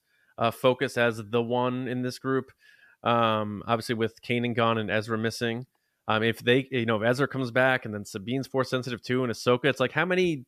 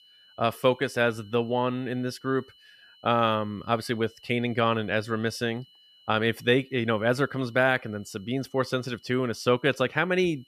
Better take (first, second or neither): first